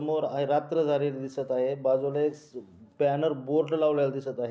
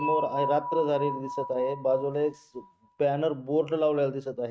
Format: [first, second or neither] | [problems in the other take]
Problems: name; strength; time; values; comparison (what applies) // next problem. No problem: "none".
first | noise reduction (neural mask model RNNoise)